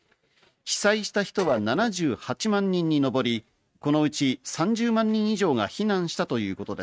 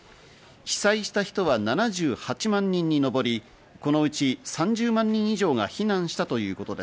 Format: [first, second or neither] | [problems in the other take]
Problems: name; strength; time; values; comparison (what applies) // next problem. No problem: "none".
second | noise reduction (neural mask model RNNoise)